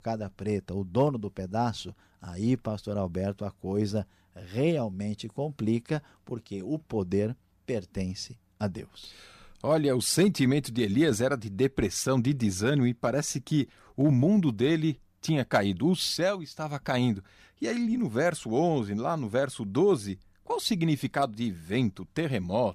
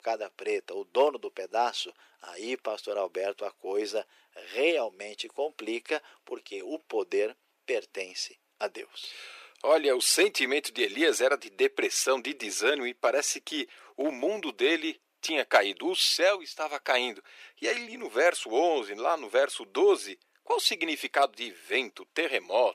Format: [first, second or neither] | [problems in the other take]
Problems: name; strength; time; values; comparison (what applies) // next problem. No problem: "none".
first | thin; very; fading below 350 Hz